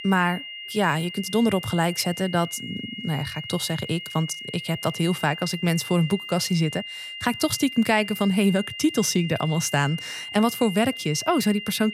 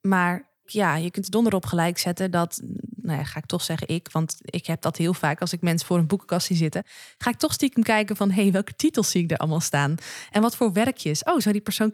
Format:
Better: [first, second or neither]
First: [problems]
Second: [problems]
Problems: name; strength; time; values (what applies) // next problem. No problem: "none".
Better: second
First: high-pitched whine; loud; throughout; 3 kHz, 10 dB below the speech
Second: none